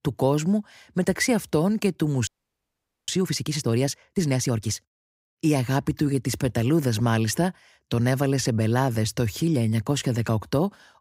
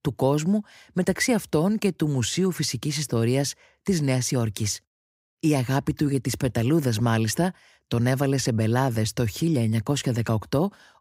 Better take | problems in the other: second | audio freezing; at 2.5 s for 1 s

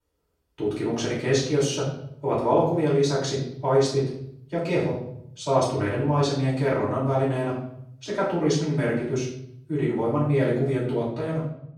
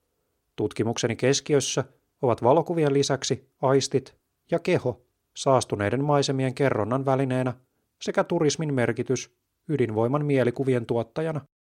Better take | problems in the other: second | off-mic speech; far // room echo; noticeable; dies away in 0.8 s

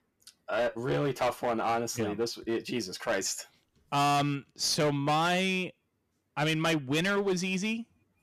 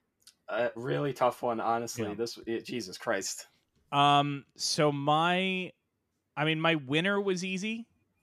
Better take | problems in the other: second | distortion; heavy; 11% of the sound clipped

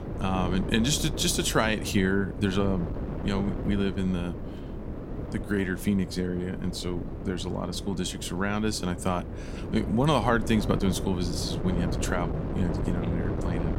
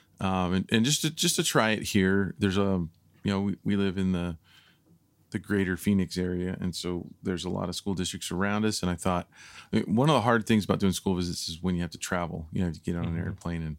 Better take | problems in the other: second | wind noise on the microphone; heavy; 9 dB below the speech

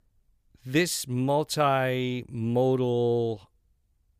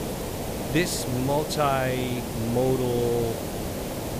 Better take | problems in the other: first | hiss; loud; throughout; 5 dB below the speech

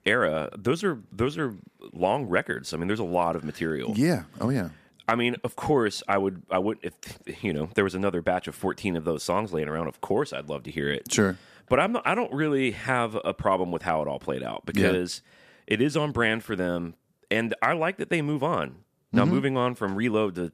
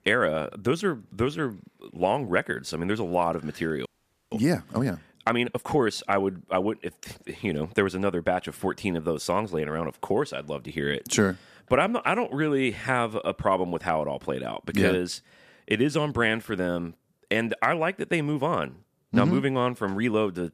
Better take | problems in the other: first | audio freezing; at 4 s

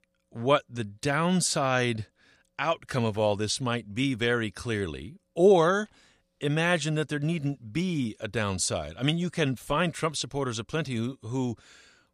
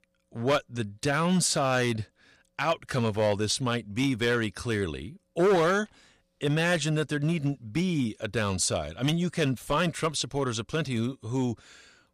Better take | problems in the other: first | distortion; slight; 4% of the sound clipped

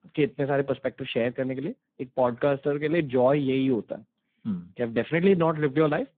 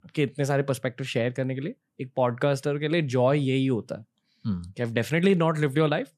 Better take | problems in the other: second | phone-call audio; poor line; nothing above 3.5 kHz

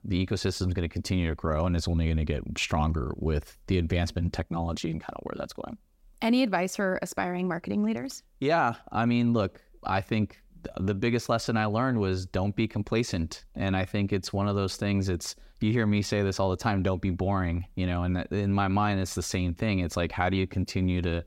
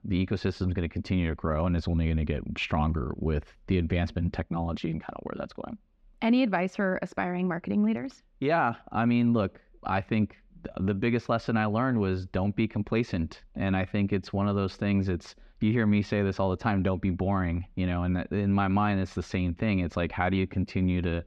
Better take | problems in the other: first | muffled; slightly; fading above 2.5 kHz

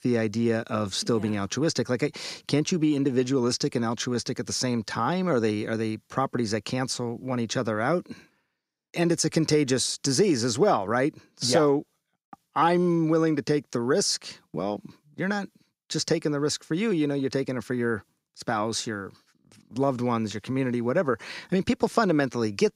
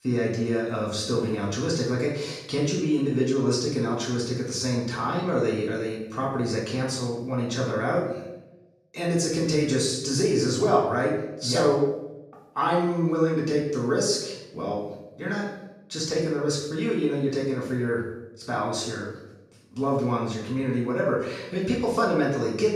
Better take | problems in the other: first | off-mic speech; far // room echo; noticeable; dies away in 0.7 s

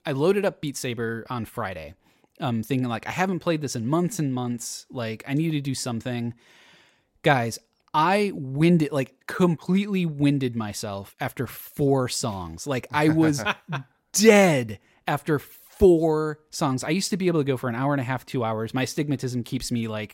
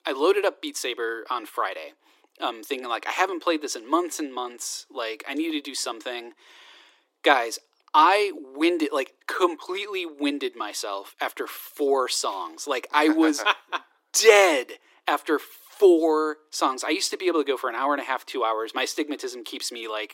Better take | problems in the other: first | thin; very; fading below 300 Hz

